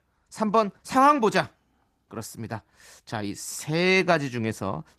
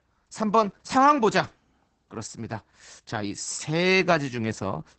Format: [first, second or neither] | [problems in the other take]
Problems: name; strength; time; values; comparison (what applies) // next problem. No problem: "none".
first | garbled, watery; badly; nothing above 8 kHz; slightly in the first